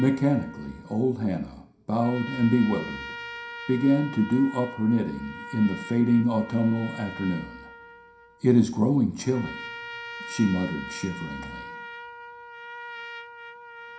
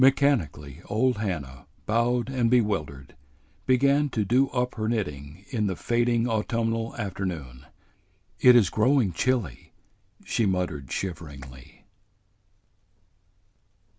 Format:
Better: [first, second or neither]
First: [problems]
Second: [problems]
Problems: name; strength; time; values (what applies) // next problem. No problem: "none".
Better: second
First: background sound (Trumpet); 14 dB below the speech // room echo; dies away in 0.5 s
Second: none